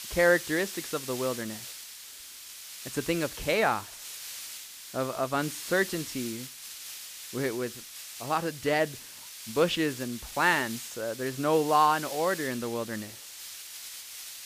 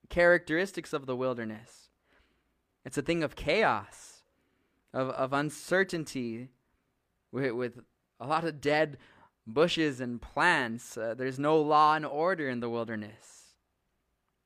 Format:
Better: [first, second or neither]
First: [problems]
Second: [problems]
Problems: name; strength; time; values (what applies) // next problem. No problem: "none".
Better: second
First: hiss; noticeable; throughout; 10 dB below the speech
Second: none